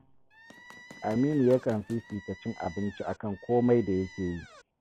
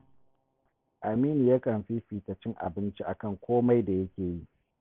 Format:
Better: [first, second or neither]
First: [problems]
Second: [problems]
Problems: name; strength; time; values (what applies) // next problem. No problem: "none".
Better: second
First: background sound (Squeak + Run); 20 dB below the speech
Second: none